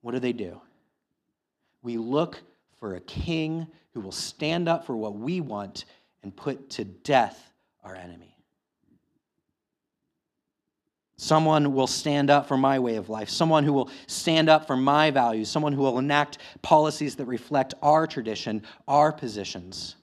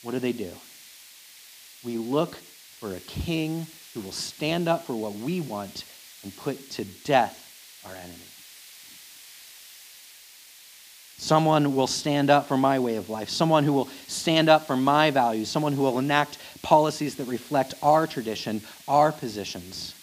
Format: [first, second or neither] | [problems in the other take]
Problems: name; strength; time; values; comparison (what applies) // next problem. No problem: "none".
first | hiss; faint; throughout; 20 dB below the speech